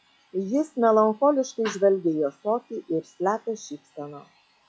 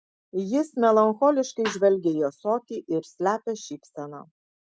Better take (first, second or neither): second